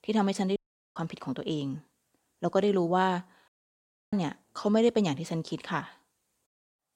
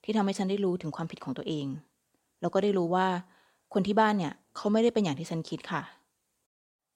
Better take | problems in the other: second | audio cutting out; at 0.5 s and at 3.5 s for 0.5 s

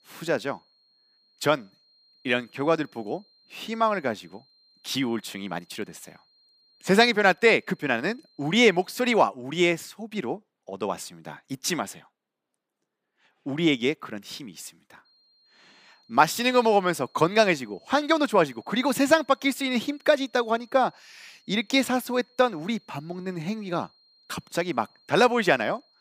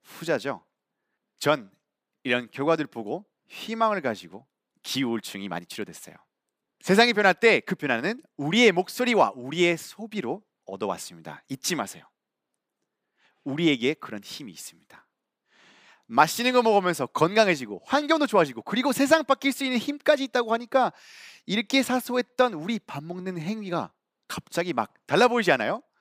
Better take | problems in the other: second | high-pitched whine; faint; until 9 s and from 15 s on; 4 kHz, 35 dB below the speech

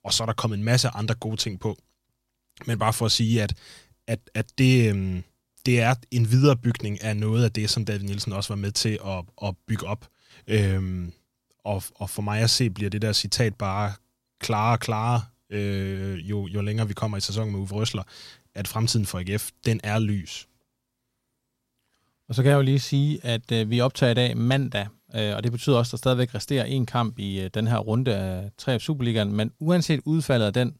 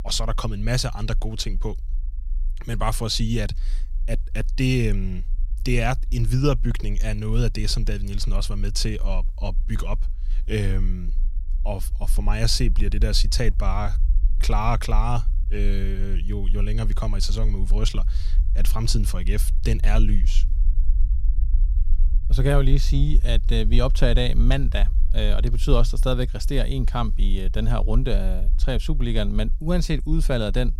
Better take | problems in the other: first | low rumble; faint; throughout; 20 dB below the speech

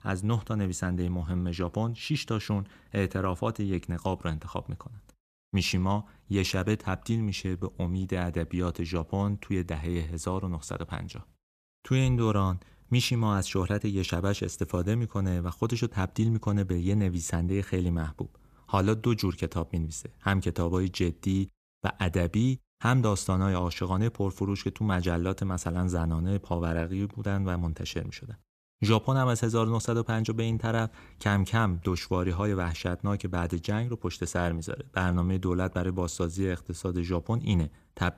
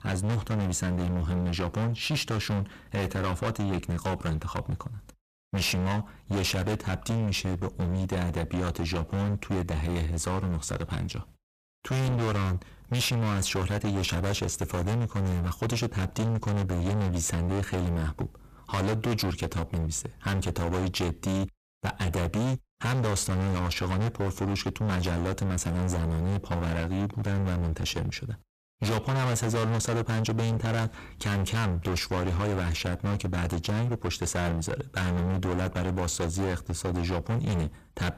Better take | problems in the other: first | distortion; heavy; 32% of the sound clipped

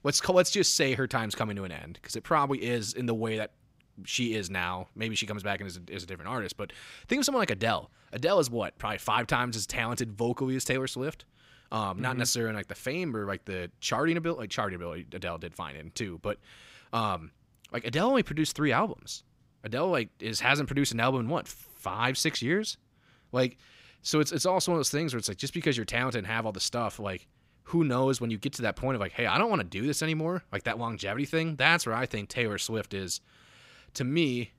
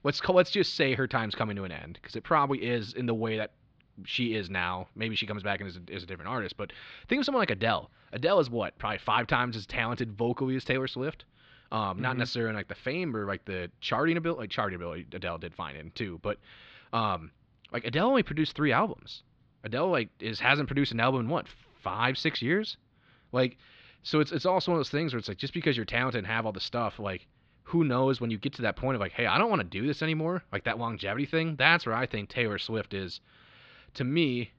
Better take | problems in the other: first | muffled; slightly; fading above 4 kHz

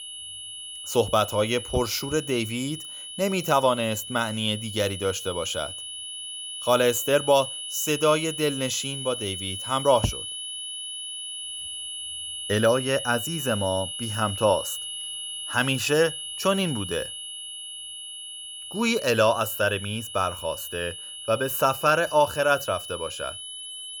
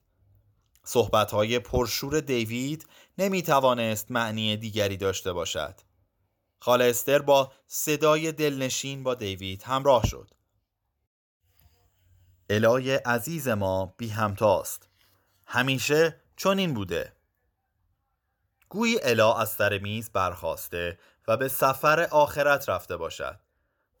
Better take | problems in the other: second | high-pitched whine; loud; throughout; 3 kHz, 8 dB below the speech

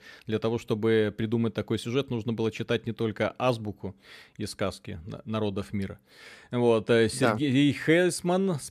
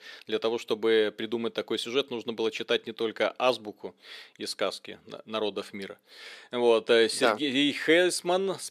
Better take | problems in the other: first | thin; somewhat; fading below 400 Hz

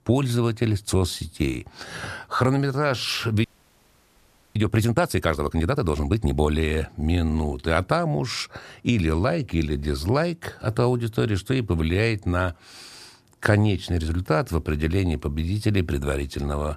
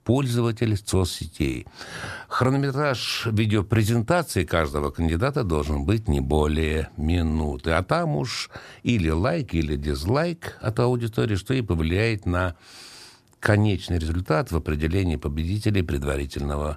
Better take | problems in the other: second | audio freezing; at 3.5 s for 1 s

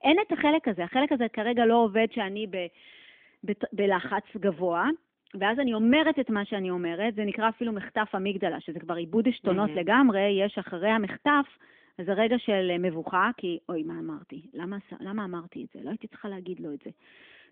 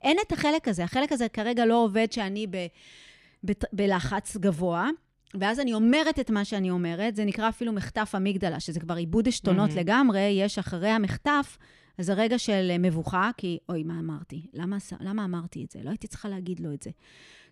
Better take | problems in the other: second | phone-call audio; nothing above 3.5 kHz

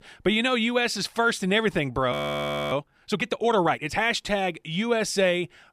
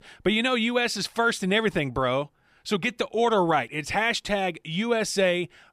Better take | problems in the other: second | audio freezing; at 2 s for 0.5 s

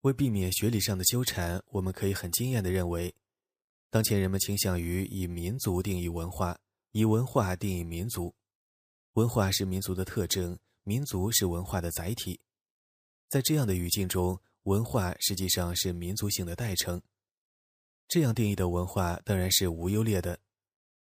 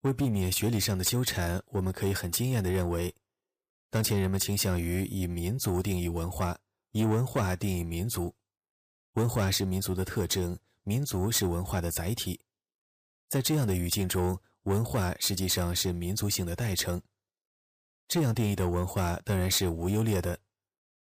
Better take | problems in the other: first | distortion; slight; 10 dB below the speech

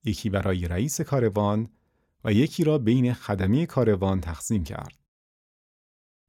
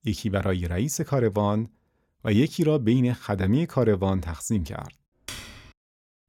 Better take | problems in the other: first | keyboard typing; faint; at 5.5 s; peak 15 dB below the speech

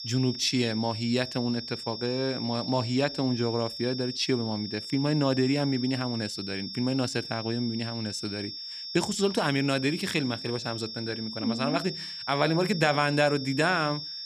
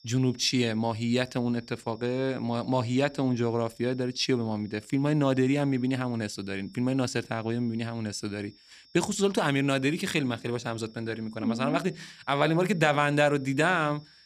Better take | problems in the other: second | high-pitched whine; loud; throughout; 5.5 kHz, 8 dB below the speech; faint in the second

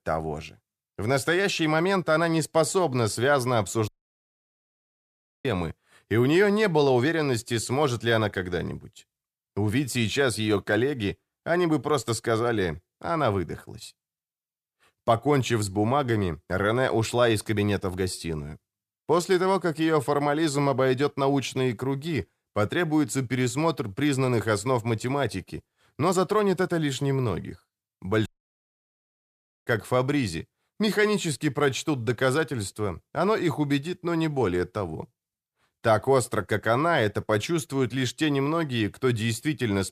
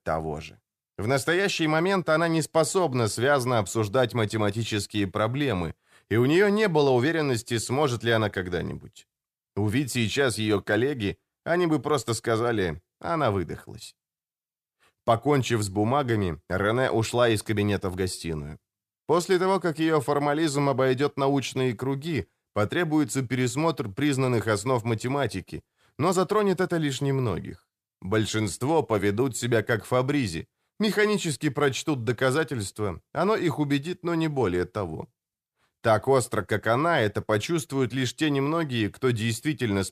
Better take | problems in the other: second | audio cutting out; at 4 s for 1.5 s and at 28 s for 1.5 s

